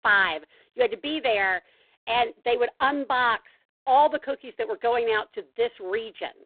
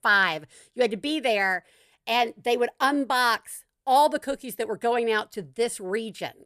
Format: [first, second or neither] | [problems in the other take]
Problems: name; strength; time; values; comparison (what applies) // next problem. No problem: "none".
second | phone-call audio; poor line